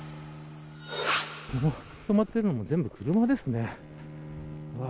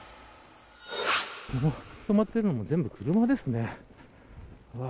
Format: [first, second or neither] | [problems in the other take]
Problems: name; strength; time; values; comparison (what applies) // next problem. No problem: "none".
second | background sound (Bowed string instrument); 16 dB below the speech